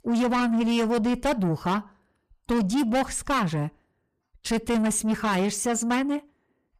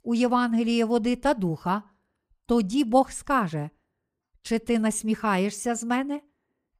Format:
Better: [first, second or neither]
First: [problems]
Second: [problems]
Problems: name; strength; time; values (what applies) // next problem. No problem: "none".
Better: second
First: distortion; heavy; 7 dB below the speech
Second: none